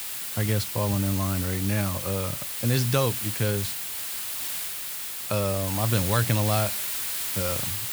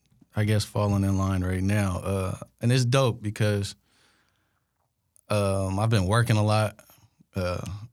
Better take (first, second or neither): second